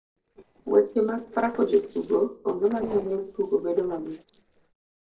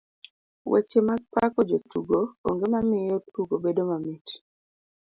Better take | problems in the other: second | noise reduction (neural separator model SepFormer DNS4)

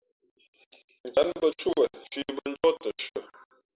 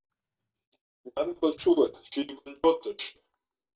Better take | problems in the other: first | noise reduction (neural mask model DeepFilterNet 3)

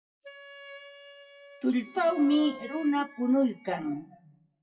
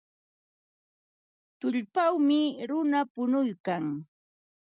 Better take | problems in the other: second | noise reduction (classical method WPE with log-MMSE)

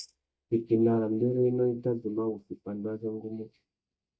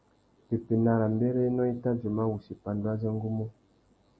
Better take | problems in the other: second | noise reduction (neural mask model DeepFilterNet 3)

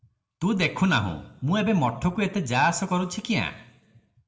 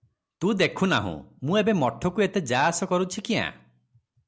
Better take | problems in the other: second | room echo; dies away in 0.7 s

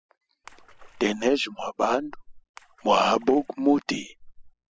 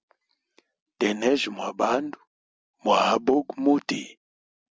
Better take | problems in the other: second | noise reduction (classical method spectral subtraction)

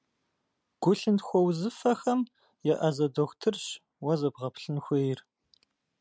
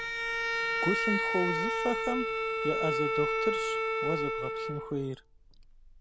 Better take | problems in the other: first | background sound (Bowed string instrument); 4 dB above the speech

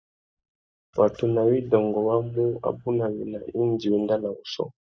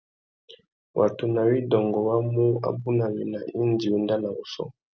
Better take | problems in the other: second | noise reduction (neural mask model DeepFilterNet 3)

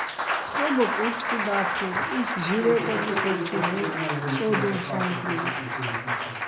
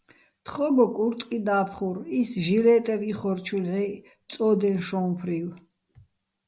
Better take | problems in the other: second | background sound (Applause); 1 dB above the speech

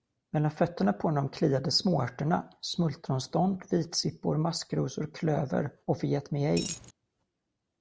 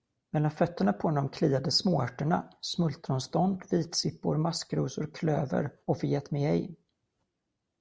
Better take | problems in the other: second | background sound (Coin (dropping)); 8 dB below the speech

